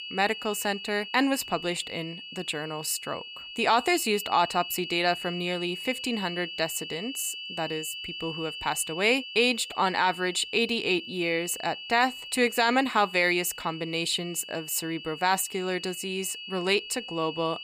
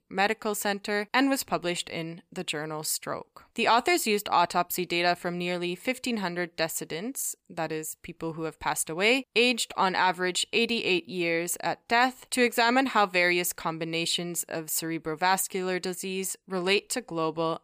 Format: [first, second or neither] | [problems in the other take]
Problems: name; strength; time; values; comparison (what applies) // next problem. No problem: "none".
second | high-pitched whine; loud; throughout; 3 kHz, 10 dB below the speech